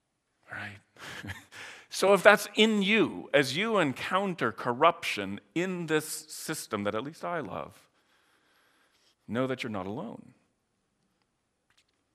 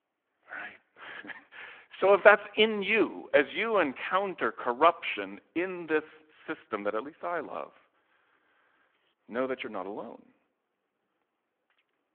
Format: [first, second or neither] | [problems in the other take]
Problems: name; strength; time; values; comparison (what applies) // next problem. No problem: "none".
first | phone-call audio